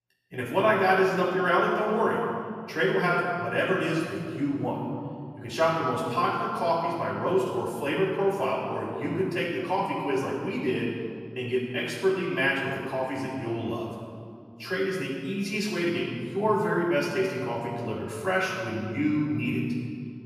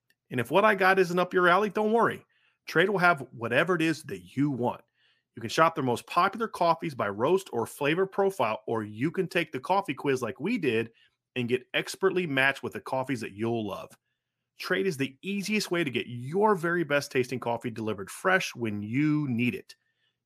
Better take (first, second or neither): second